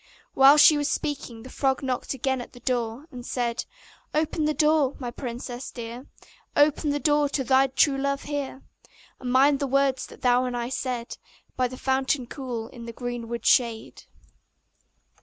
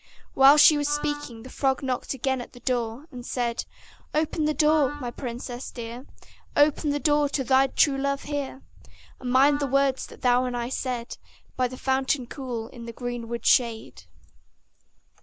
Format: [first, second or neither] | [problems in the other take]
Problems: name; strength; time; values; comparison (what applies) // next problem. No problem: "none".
first | background sound (Cricket + Wind instrument, woodwind instrument); 14 dB below the speech